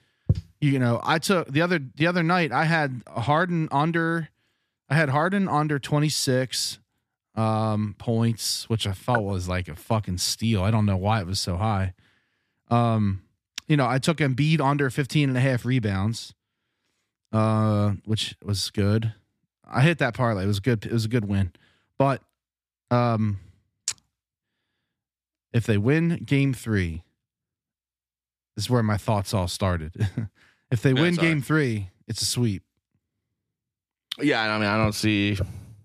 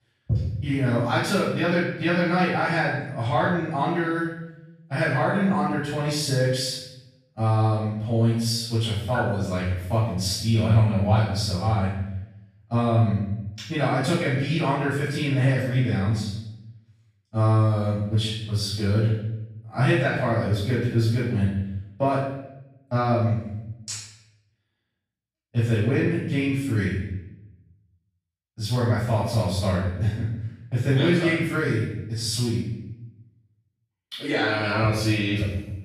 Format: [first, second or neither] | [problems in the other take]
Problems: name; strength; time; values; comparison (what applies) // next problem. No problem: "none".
first | room echo; strong; dies away in 0.8 s // off-mic speech; far